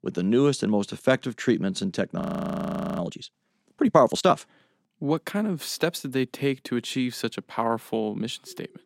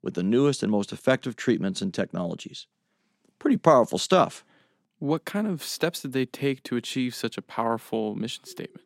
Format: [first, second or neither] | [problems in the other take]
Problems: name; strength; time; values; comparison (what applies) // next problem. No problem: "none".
second | audio freezing; at 2 s for 1 s